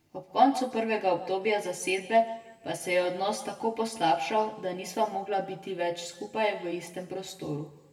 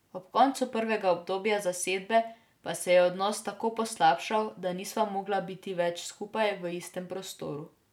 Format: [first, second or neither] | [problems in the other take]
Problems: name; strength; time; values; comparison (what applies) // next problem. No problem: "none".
second | room echo; dies away in 0.9 s